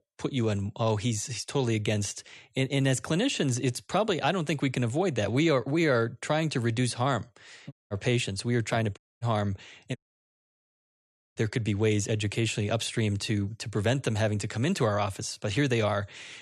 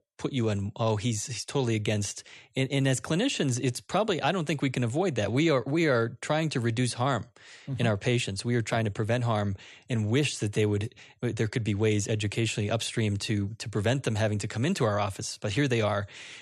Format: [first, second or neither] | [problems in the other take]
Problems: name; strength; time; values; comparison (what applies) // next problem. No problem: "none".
second | audio cutting out; at 7.5 s, at 9 s and at 10 s for 1.5 s